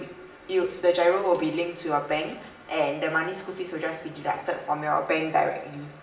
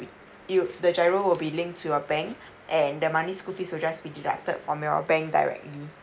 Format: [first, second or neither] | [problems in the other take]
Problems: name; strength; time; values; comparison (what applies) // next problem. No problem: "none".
second | room echo; dies away in 0.9 s